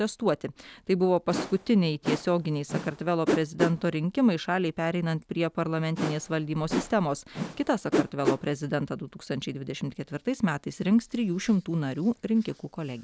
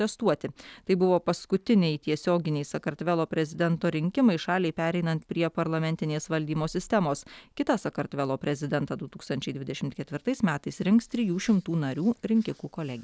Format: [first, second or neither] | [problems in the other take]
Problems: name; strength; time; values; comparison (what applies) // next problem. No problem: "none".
second | background sound (Whoosh, swoosh, swish); 5 dB below the speech